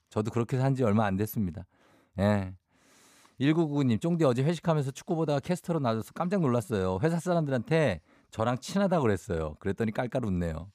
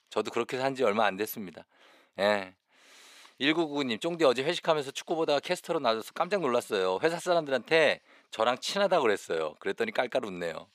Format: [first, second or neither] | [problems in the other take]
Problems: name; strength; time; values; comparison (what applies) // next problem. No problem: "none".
first | thin; somewhat; fading below 450 Hz